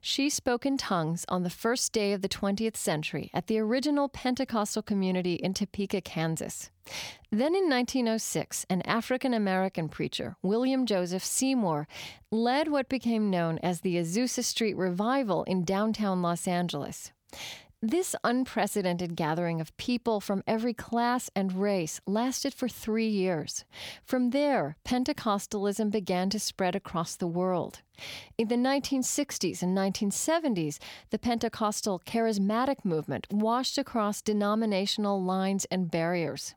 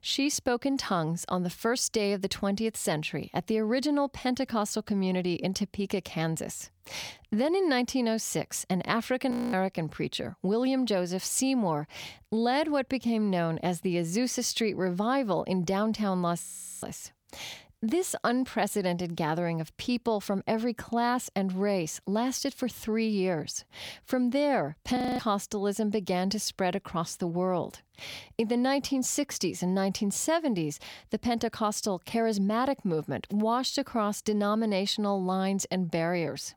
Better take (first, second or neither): first